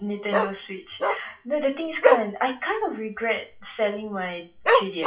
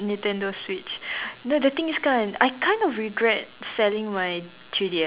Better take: second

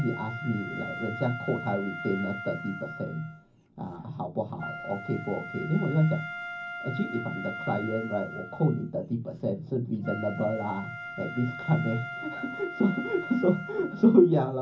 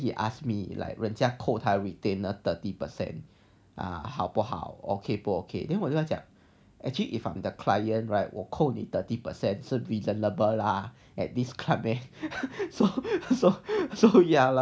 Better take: second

